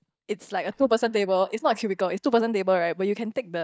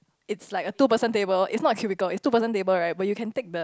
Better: second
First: noise reduction (neural mask model DeepFilterNet 3)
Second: none

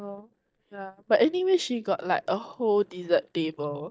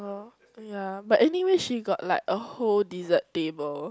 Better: second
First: noise reduction (neural mask model DeepFilterNet 3)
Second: none

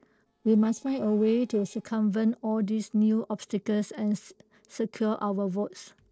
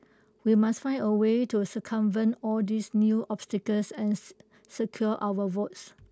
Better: second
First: noise reduction (neural separator model SepFormer DNS4)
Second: none

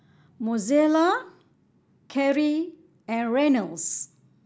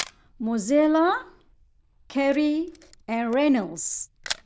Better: first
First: none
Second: noise reduction (neural diffusion model UNIVERSE++)

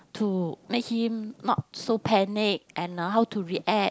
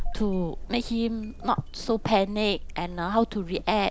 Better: first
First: none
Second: background sound (Engine starting); 8 dB below the speech

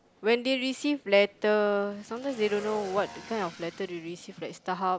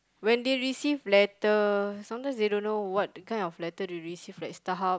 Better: second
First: background sound (Motorcycle / Engine); 20 dB below the speech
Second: none

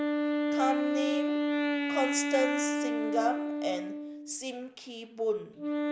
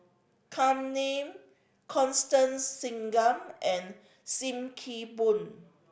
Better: second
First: background sound (Wind instrument, woodwind instrument); 3 dB above the speech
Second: none

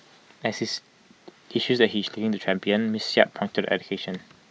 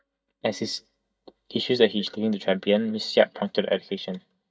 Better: first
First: none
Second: noise reduction (neural mask model DeepFilterNet 3)

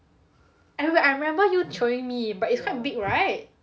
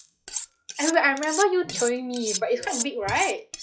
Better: first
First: none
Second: noise reduction (classical method log-MMSE)

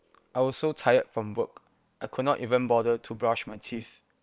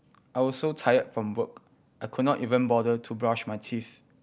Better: second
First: noise reduction (neural separator model SepFormer WHAM!)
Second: none

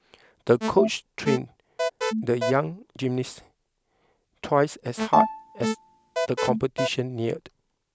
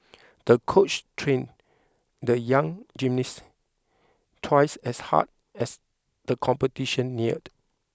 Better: second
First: background sound (Bowed string instrument + Alarm); as loud as the speech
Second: none

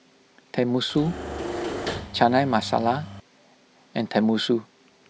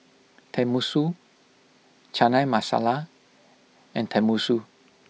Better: second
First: background sound (Engine / Mechanisms); 8 dB below the speech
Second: none

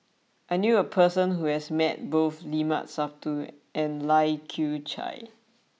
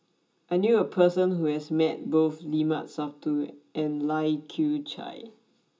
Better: first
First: none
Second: room echo; dies away in 0.2 s

